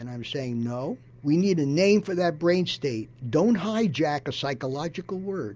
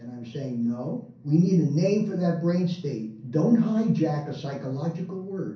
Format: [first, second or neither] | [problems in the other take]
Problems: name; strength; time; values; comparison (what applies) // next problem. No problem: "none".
first | room echo; dies away in 0.6 s